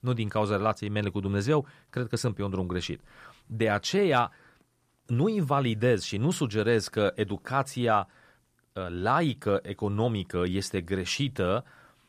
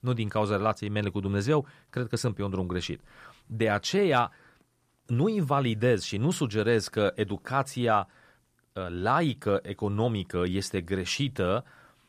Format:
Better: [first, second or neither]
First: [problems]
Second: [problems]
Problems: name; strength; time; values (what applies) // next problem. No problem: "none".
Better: neither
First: none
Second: none